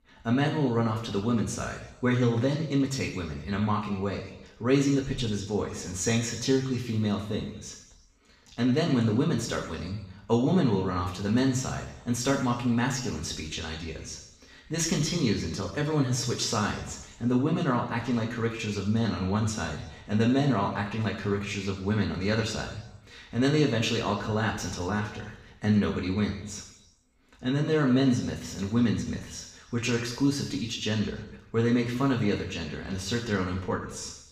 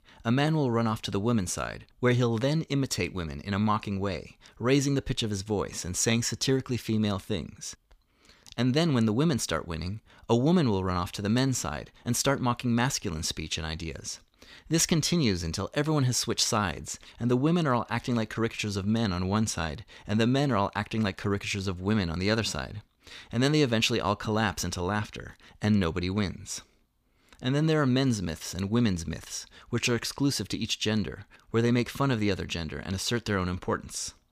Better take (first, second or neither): second